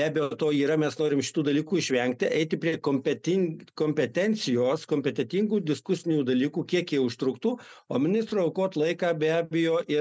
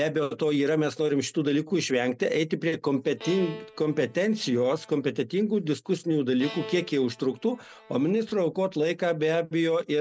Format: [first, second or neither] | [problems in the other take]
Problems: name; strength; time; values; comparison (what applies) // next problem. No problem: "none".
first | background sound (Bowed string instrument); 18 dB below the speech